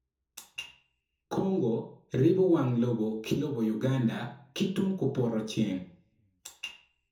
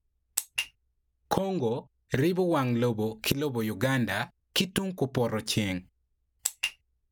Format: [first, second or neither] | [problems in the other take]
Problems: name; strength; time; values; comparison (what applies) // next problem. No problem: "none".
second | room echo; dies away in 0.5 s